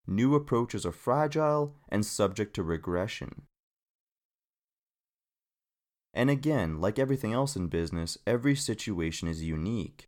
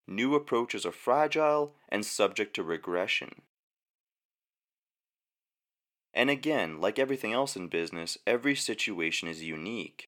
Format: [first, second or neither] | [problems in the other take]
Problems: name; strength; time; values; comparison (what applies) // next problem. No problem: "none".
first | thin; somewhat; fading below 350 Hz